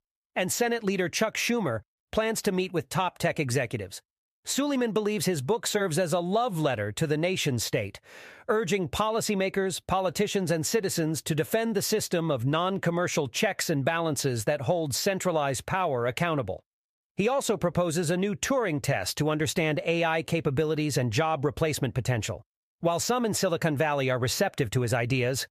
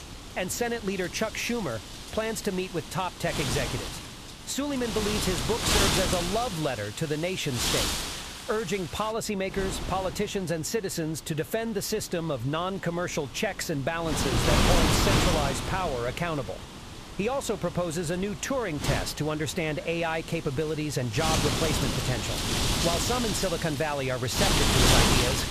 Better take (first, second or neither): first